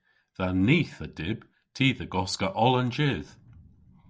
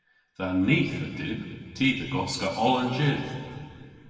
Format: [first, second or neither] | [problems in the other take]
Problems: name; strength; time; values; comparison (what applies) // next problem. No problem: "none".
first | room echo; dies away in 2.1 s